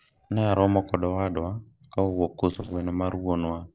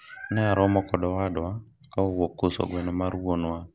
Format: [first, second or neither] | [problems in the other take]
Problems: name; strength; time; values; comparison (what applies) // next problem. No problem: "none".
second | noise reduction (neural separator model SepFormer DNS4)